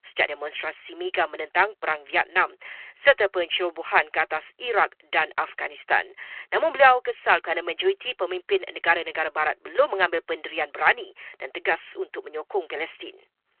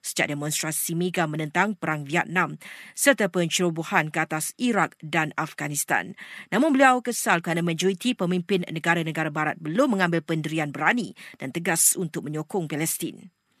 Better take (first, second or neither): second